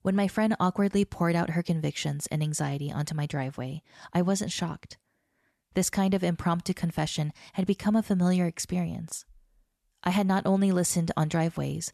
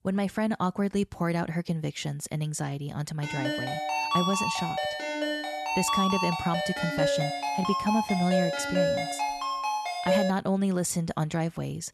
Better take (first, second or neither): first